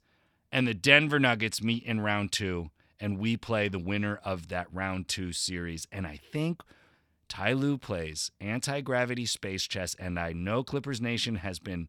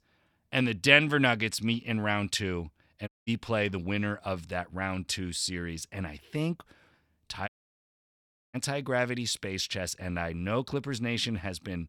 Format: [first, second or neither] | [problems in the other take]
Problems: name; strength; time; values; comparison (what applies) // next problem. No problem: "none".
first | audio cutting out; at 3 s and at 7.5 s for 1 s